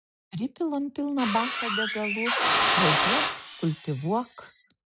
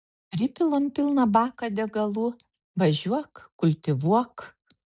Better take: second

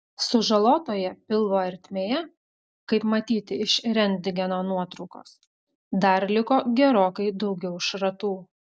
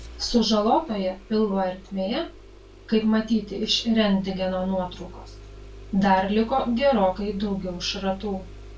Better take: first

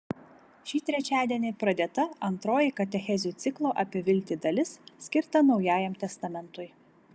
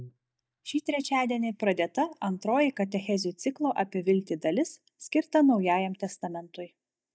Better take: first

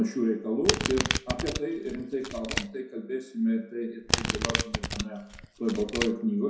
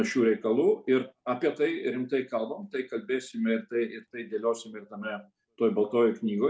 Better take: second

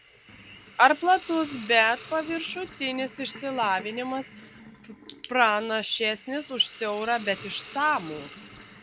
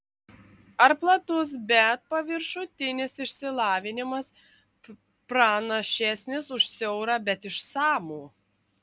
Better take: second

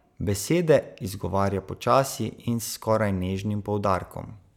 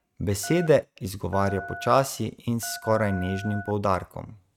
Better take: first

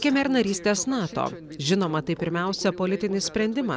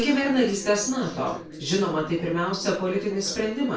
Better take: first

